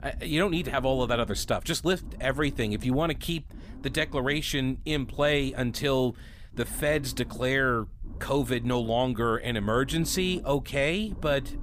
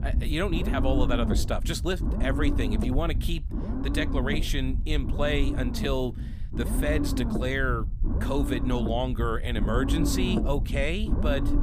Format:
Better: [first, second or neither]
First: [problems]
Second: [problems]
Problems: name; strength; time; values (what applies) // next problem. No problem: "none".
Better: first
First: low rumble; faint; throughout; 25 dB below the speech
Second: low rumble; loud; throughout; 6 dB below the speech